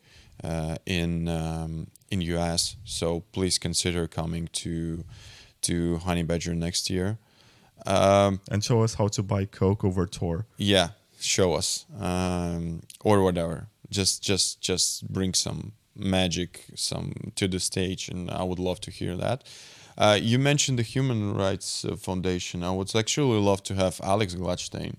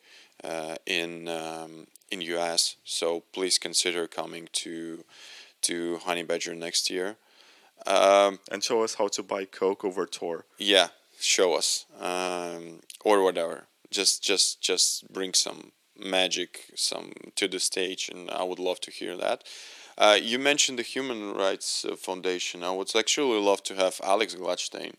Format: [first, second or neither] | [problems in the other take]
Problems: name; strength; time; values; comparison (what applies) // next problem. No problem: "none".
first | thin; somewhat; fading below 300 Hz